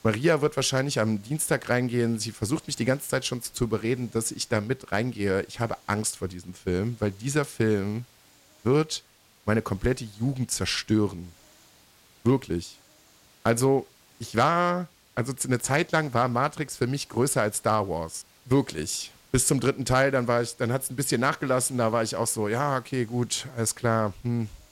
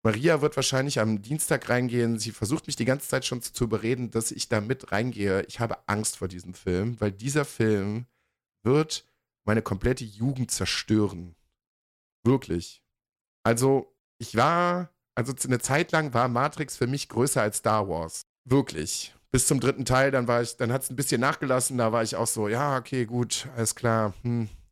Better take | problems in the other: second | hiss; faint; throughout; 30 dB below the speech

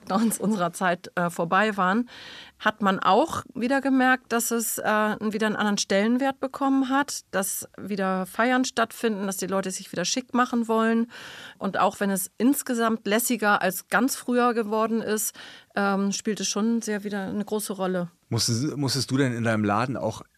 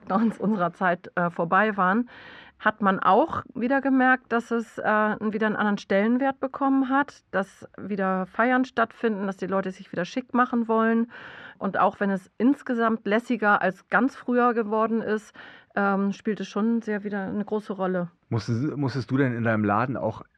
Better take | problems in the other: first | muffled; very; fading above 2 kHz

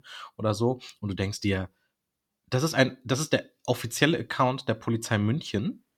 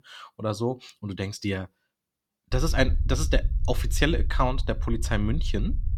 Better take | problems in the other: first | low rumble; noticeable; from 2.5 s on; 20 dB below the speech

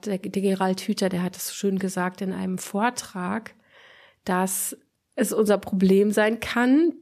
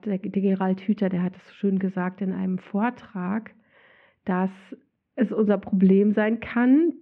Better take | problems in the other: first | muffled; very; fading above 2.5 kHz

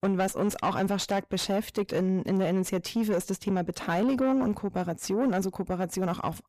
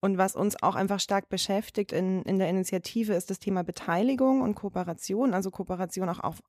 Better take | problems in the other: second | distortion; slight; 10 dB below the speech

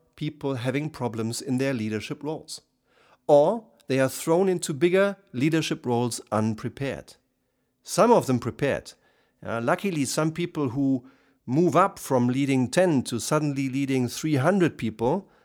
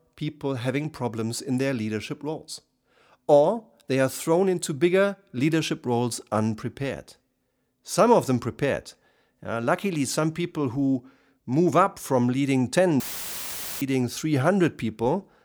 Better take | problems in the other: first | audio cutting out; filled with static; at 13 s for 1 s

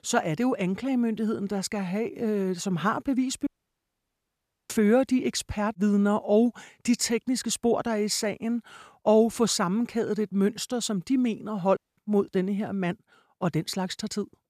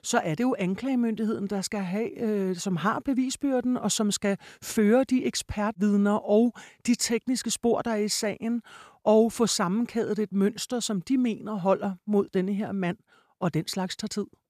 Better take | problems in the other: second | audio cutting out; at 3.5 s for 1 s and at 12 s

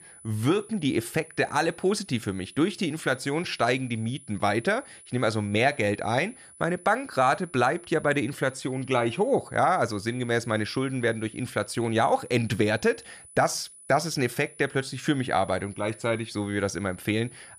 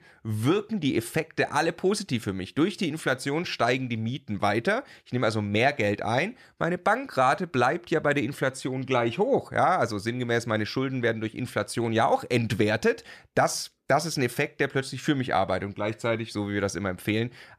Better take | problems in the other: second | high-pitched whine; faint; throughout; 10 kHz, 20 dB below the speech

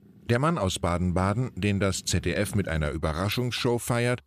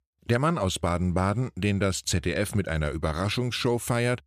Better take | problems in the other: second | animal sounds; faint; throughout; 20 dB below the speech

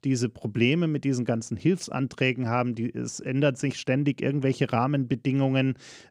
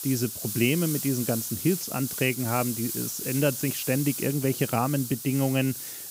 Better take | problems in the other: first | hiss; loud; throughout; 4 dB below the speech

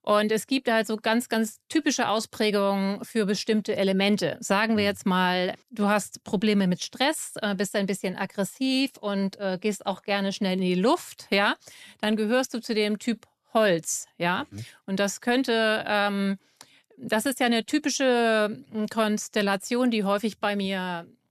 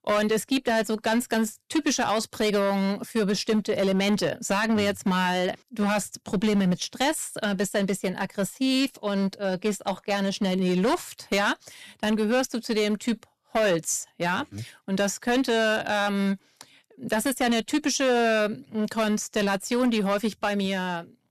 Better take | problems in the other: first | distortion; slight; 8% of the sound clipped

